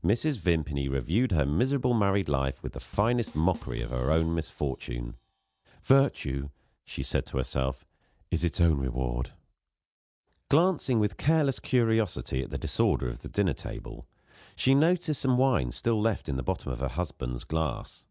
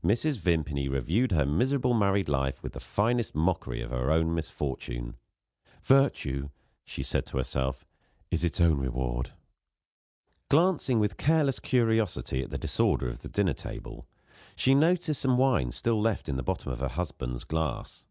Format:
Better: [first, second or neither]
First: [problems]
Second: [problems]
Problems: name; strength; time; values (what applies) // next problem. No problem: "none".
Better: second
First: background sound (Bass drum / Drum kit); 19 dB below the speech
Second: none